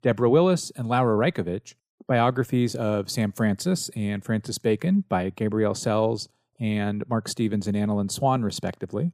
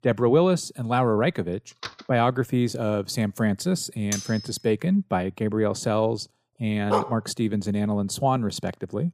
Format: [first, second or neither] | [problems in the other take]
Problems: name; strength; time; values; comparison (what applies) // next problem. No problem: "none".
first | door banging; faint; at 2 s; peak 15 dB below the speech // clattering dishes; noticeable; at 4 s; peak 6 dB below the speech // dog barking; noticeable; at 7 s; peak 2 dB below the speech